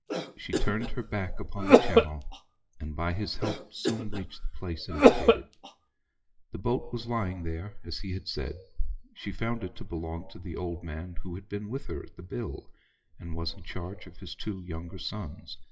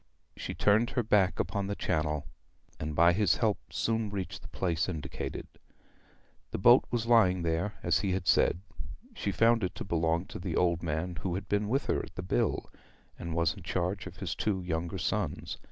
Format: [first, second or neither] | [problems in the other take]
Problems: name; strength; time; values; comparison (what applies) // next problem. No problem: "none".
second | noise reduction (classical method WPE with log-MMSE)